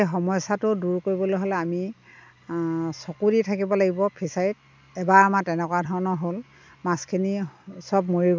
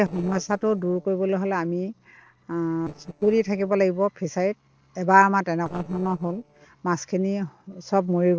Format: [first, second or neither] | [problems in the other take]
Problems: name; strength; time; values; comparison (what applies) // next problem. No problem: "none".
first | noise reduction (neural separator model SepFormer DNS4)